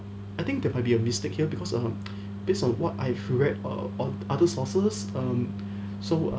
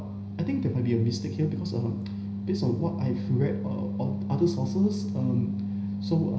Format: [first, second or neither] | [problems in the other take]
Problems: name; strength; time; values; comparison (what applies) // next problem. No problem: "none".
first | room echo; dies away in 0.9 s